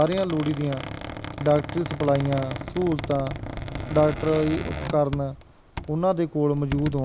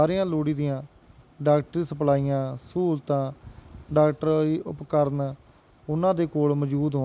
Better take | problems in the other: second | background sound (Squeak); 9 dB below the speech

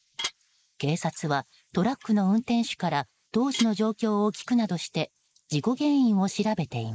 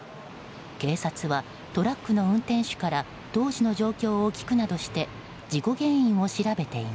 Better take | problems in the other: second | noise reduction (neural mask model Resemble Enhance denoiser)

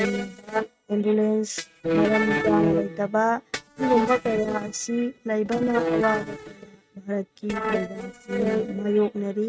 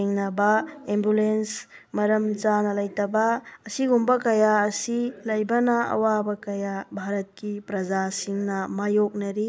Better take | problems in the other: second | noise reduction (neural mask model RNNoise)

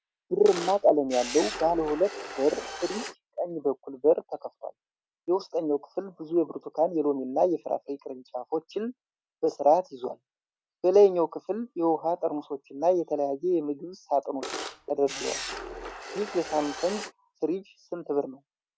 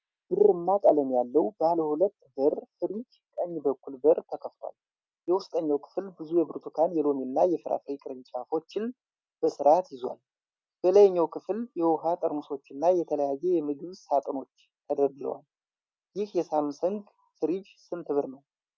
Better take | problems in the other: second | background sound (Camera); 10 dB below the speech

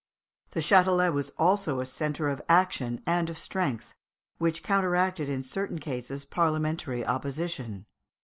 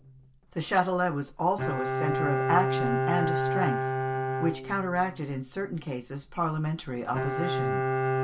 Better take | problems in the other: first | background sound (Bowed string instrument); as loud as the speech // room echo; dies away in 0.2 s

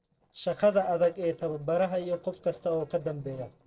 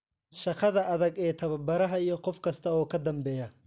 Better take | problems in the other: second | noise reduction (neural separator model SepFormer DNS4)

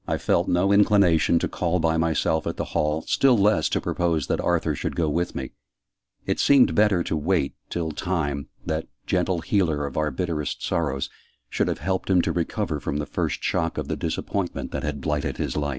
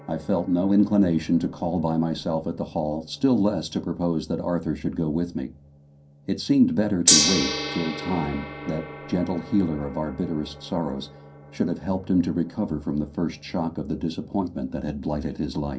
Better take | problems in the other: first | background sound (Gong); 7 dB below the speech // room echo; dies away in 0.3 s

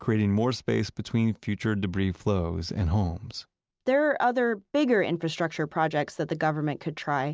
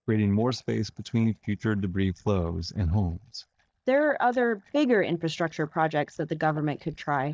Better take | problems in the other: first | noise reduction (neural mask model DeepFilterNet 3)

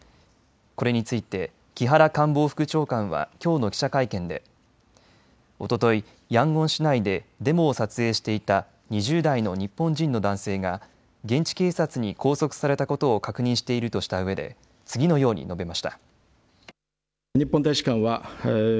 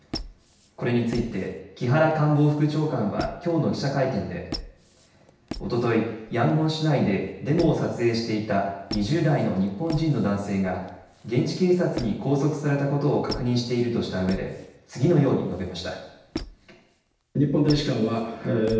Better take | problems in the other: first | background sound (Squeak); 16 dB below the speech // room echo; dies away in 0.9 s

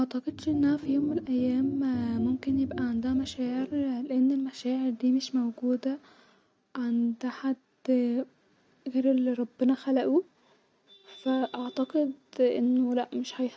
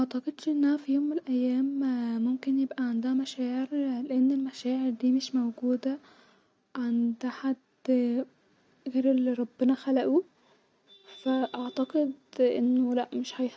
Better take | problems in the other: second | background sound (Organ); 11 dB below the speech

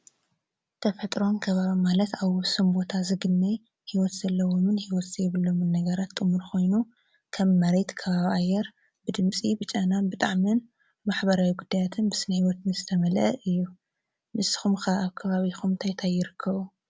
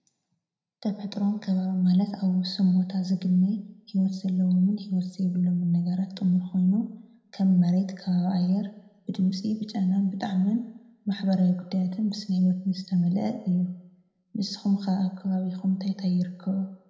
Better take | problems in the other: first | room echo; dies away in 0.7 s

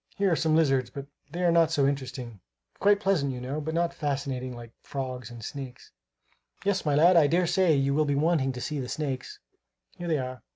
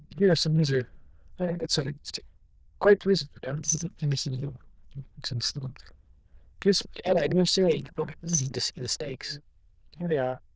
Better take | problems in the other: first | noise reduction (neural diffusion model UNIVERSE++)

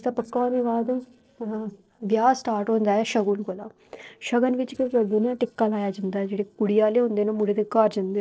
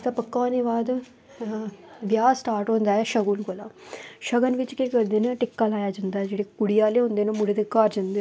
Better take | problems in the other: second | noise reduction (neural separator model SepFormer DNS4)

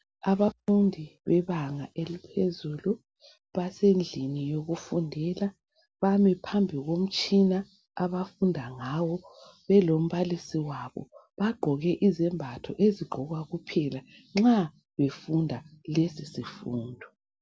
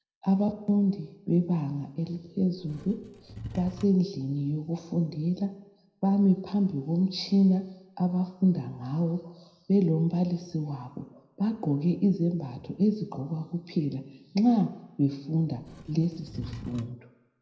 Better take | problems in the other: first | background sound (Wood / Tools); 14 dB below the speech // room echo; dies away in 0.8 s

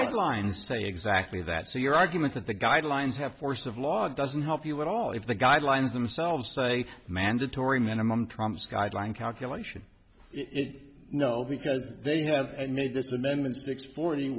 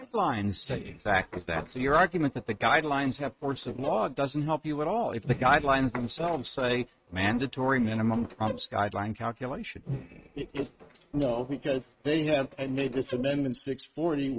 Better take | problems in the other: first | noise reduction (neural mask model RNNoise)

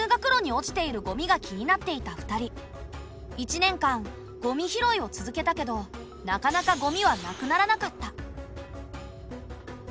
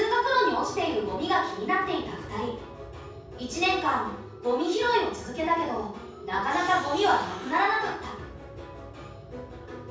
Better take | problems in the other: first | room echo; dies away in 0.6 s

